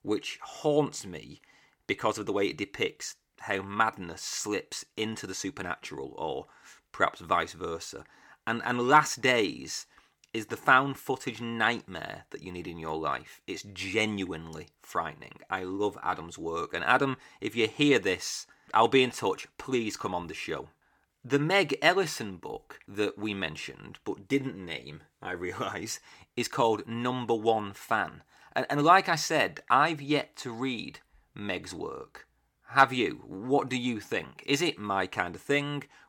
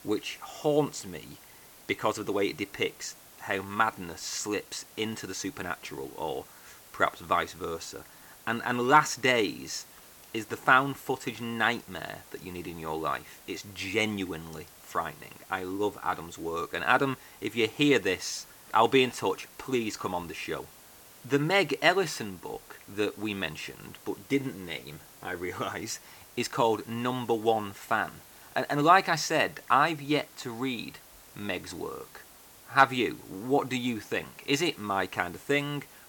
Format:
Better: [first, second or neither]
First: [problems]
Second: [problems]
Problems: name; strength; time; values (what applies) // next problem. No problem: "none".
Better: first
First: none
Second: hiss; faint; throughout; 20 dB below the speech